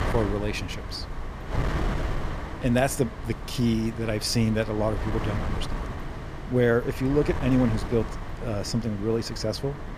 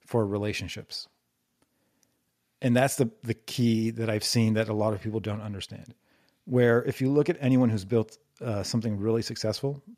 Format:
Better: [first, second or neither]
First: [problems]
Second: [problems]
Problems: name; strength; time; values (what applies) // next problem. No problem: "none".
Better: second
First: wind noise on the microphone; heavy; 8 dB below the speech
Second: none